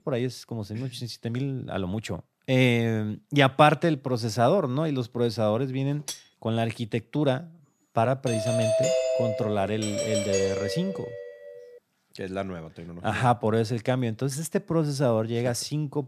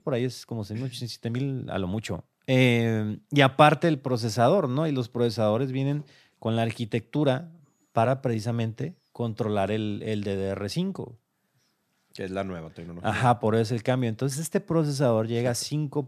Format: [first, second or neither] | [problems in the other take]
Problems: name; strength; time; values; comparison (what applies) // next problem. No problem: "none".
second | clattering dishes; faint; at 6 s; peak 10 dB below the speech // doorbell; loud; from 8.5 to 11 s; peak 3 dB above the speech